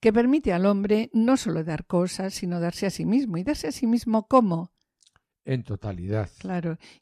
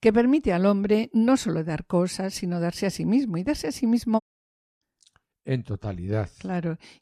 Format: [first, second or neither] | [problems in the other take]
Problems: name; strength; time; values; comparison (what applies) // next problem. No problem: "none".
first | audio cutting out; at 4 s for 0.5 s